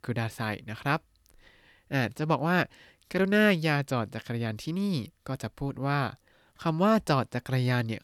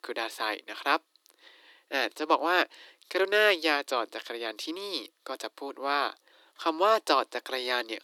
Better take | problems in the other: first | thin; very; fading below 300 Hz

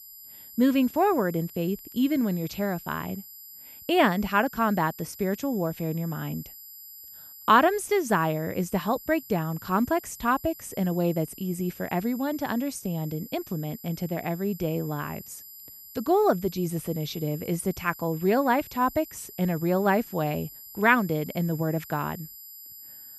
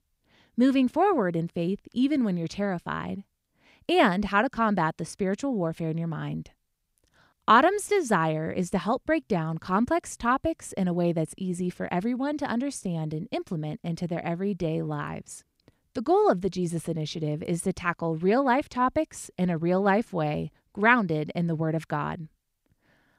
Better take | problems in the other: second | high-pitched whine; noticeable; throughout; 12 kHz, 15 dB below the speech

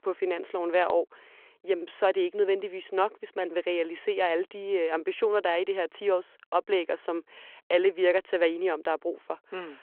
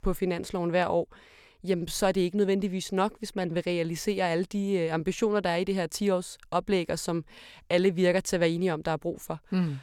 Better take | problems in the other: second | phone-call audio

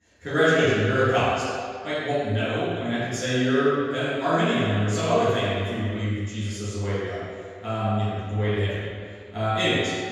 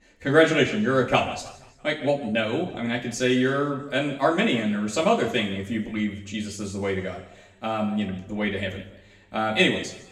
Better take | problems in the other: second | room echo; strong; dies away in 1.8 s; slight in the second // off-mic speech; far; far in the second

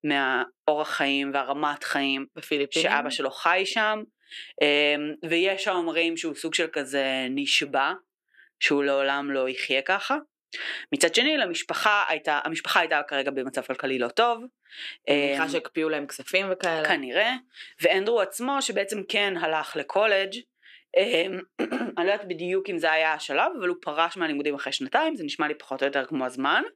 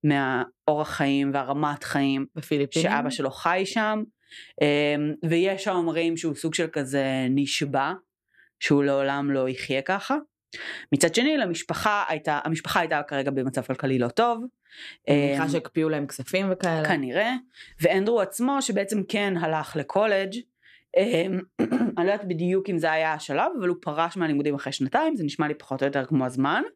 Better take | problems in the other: second | thin; very slightly; fading below 400 Hz

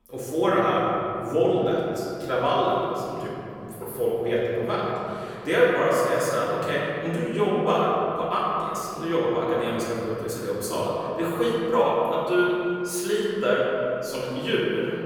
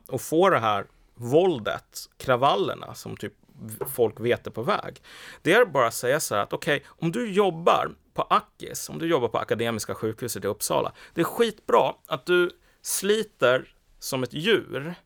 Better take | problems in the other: second | off-mic speech; far // room echo; strong; dies away in 2.7 s

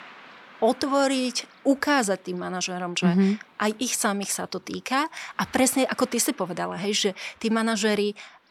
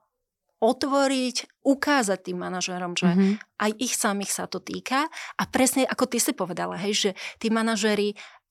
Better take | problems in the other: second | traffic noise; faint; throughout; 25 dB below the speech

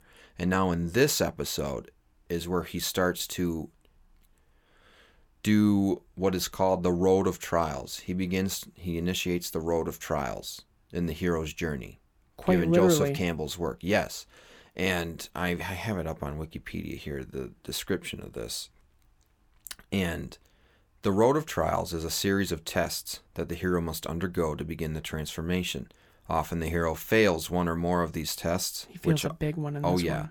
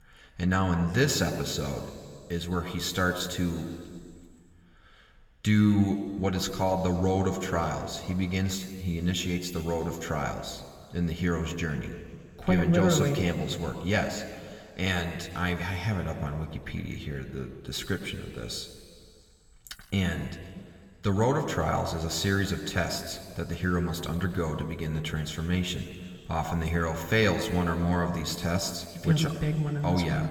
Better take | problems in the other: first | room echo; slight; dies away in 2.3 s

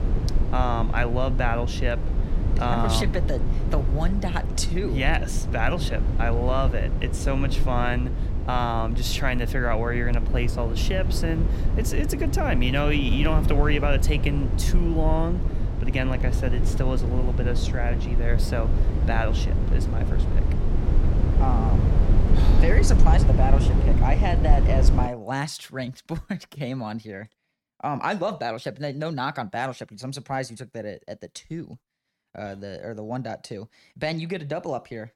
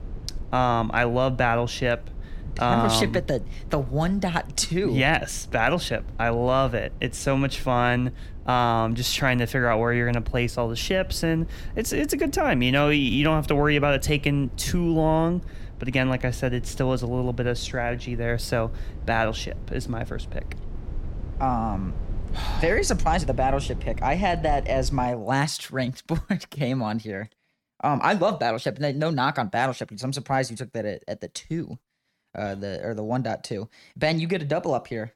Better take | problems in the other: second | low rumble; loud; until 25 s; 8 dB below the speech; faint in the second

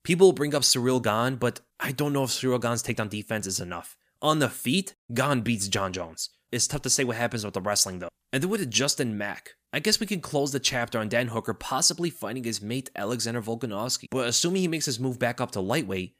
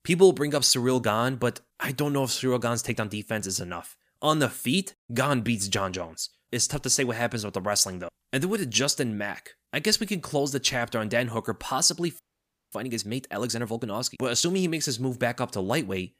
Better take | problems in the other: first | audio freezing; at 12 s for 0.5 s

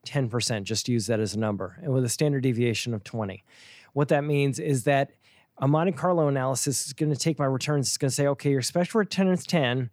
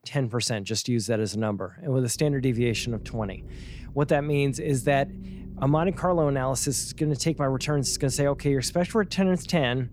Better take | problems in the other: first | low rumble; faint; from 2 s on; 25 dB below the speech

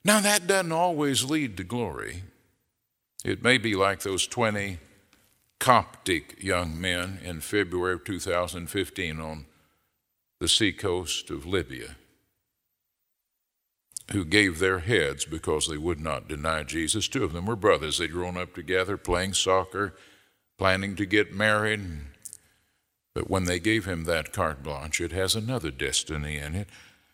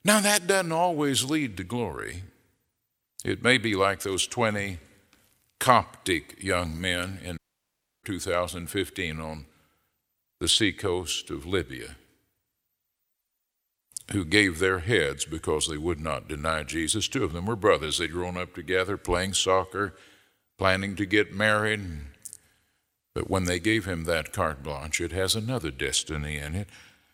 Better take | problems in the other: first | audio cutting out; at 7.5 s for 0.5 s

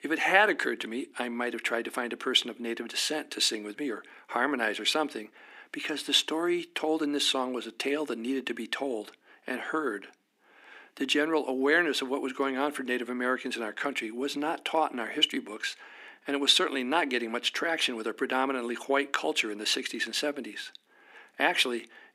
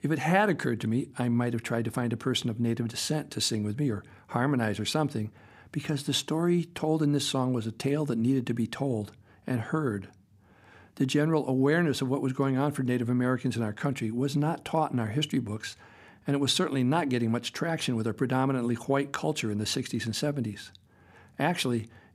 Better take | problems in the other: second | thin; somewhat; fading below 300 Hz

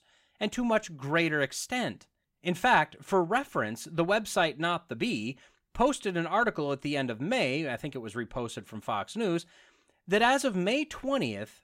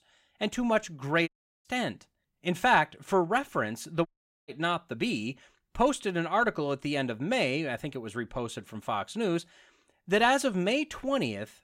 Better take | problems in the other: first | audio cutting out; at 1.5 s and at 4 s

